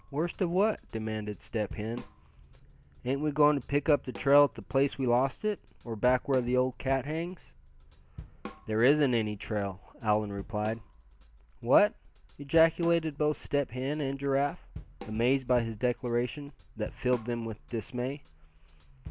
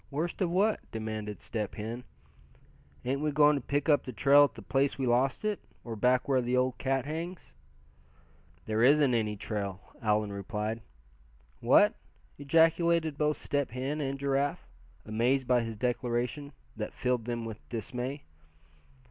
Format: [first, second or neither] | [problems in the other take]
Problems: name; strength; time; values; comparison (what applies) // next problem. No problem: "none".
second | background sound (Drum / Drum kit); 19 dB below the speech